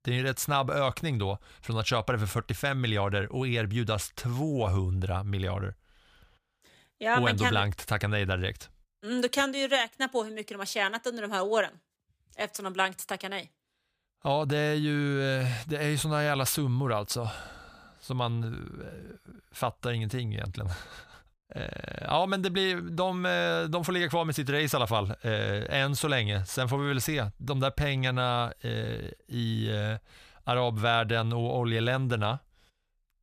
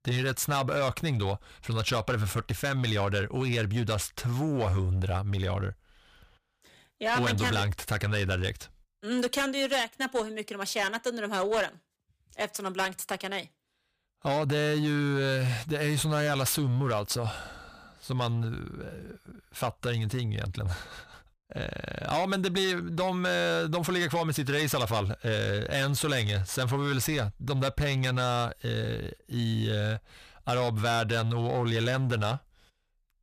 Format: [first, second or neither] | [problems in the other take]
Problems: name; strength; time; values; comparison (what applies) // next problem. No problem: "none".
first | distortion; slight; 8% of the sound clipped